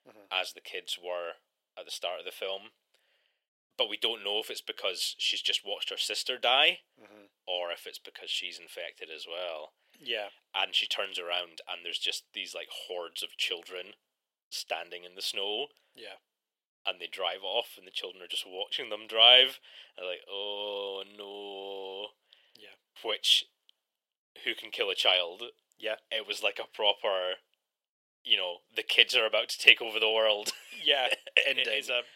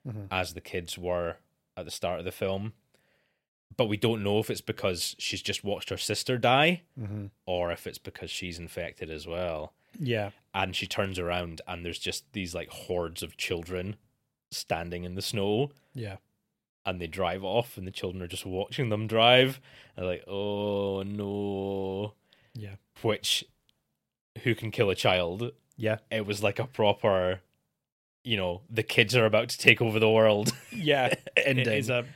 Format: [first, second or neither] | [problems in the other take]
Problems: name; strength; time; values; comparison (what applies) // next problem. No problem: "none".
second | thin; very; fading below 450 Hz